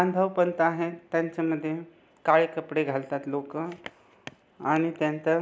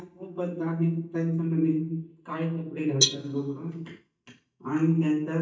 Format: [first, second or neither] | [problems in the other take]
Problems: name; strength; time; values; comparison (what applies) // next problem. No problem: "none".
first | noise reduction (neural mask model DeepFilterNet 3)